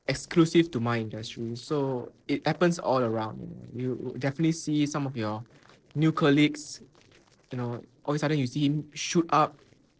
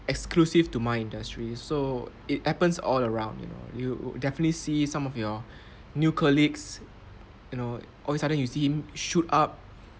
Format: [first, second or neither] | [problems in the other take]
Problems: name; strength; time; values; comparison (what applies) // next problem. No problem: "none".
second | noise reduction (neural separator model SepFormer DNS4)